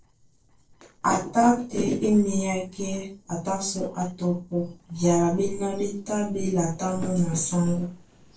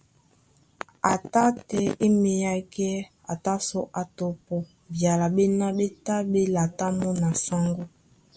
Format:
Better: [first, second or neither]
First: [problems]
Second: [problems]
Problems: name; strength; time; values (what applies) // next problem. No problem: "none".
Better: second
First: noise reduction (neural separator model SepFormer DNS4)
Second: none